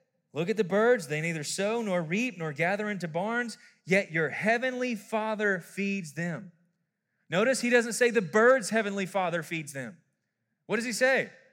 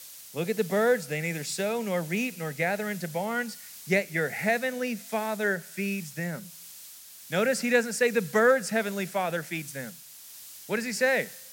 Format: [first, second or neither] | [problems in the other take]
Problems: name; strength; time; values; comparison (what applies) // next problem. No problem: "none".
first | hiss; noticeable; throughout; 15 dB below the speech